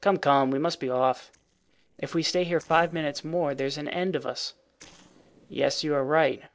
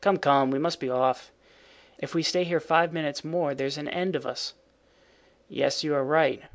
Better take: second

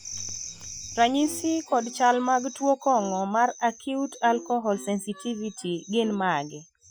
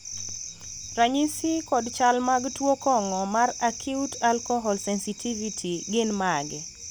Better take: second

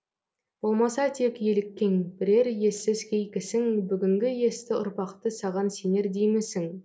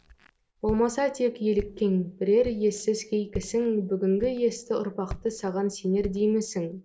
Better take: first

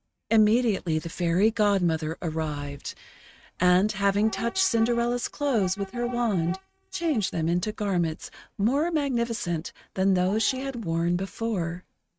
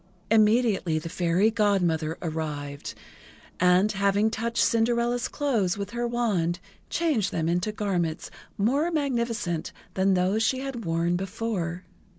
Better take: second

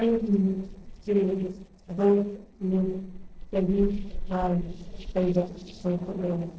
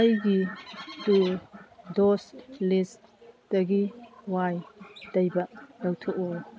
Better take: second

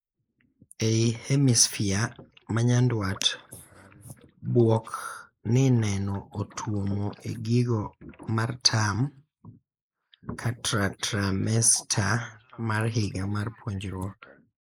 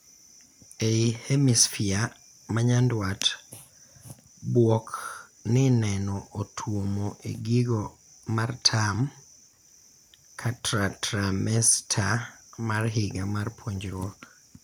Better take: second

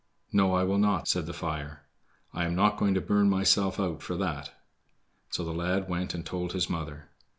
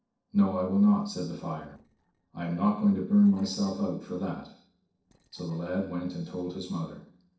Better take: first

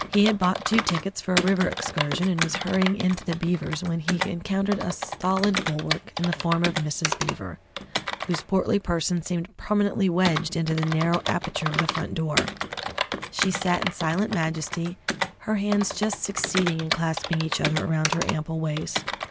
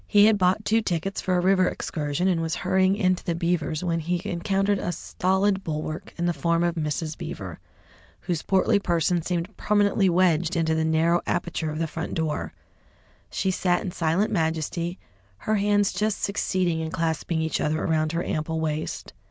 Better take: second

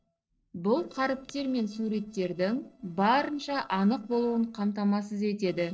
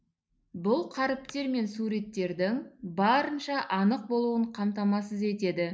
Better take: second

